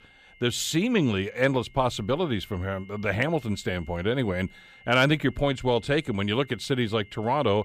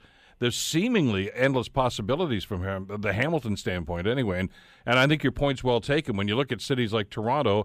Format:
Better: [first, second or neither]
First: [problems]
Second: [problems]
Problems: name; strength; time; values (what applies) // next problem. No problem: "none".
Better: second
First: high-pitched whine; faint; throughout; 2 kHz, 25 dB below the speech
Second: none